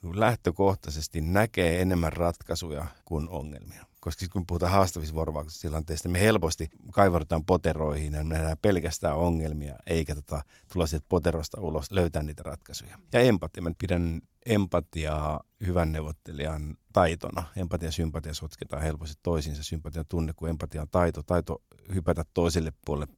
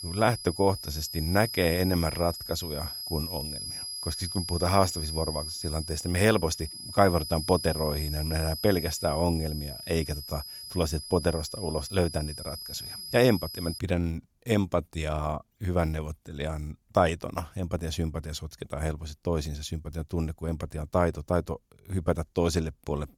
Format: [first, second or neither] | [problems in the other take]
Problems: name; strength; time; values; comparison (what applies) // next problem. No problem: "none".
first | high-pitched whine; loud; until 14 s; 5 kHz, 7 dB below the speech